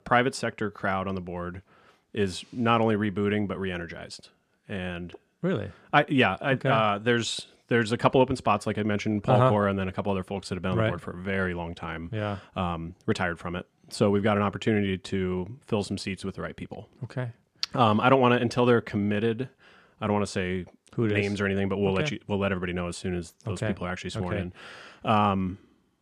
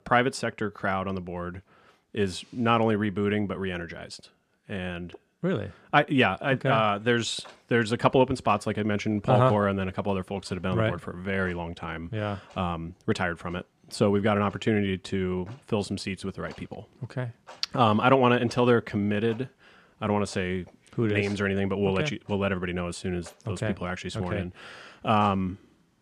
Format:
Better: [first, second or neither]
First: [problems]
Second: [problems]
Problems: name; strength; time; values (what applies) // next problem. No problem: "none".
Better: first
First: none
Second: household noises; faint; from 6.5 s on; 30 dB below the speech